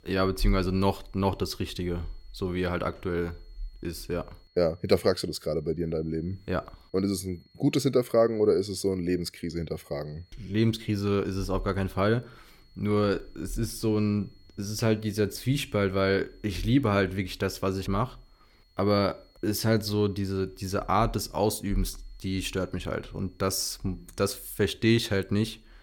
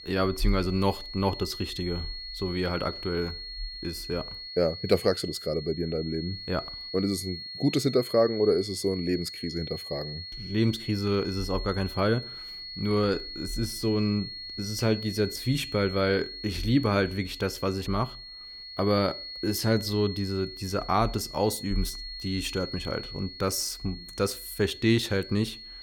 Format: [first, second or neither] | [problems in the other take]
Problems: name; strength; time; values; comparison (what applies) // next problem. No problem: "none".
first | high-pitched whine; loud; throughout; 4.5 kHz, 9 dB below the speech; faint in the first